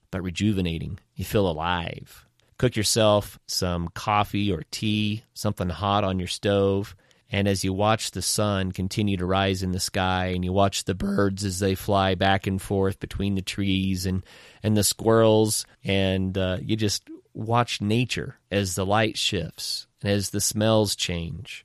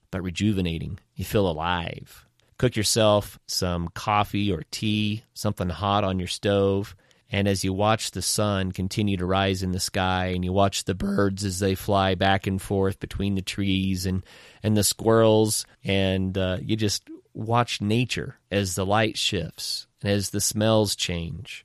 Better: neither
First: none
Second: none

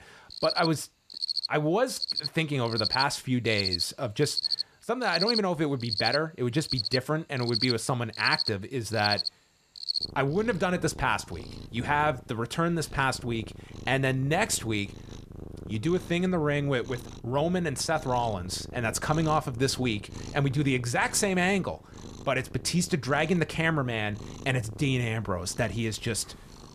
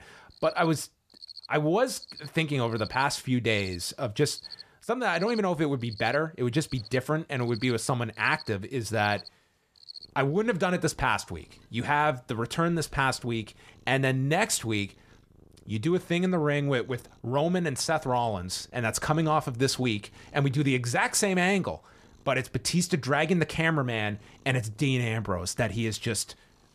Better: second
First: animal sounds; loud; throughout; 5 dB below the speech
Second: animal sounds; faint; throughout; 20 dB below the speech

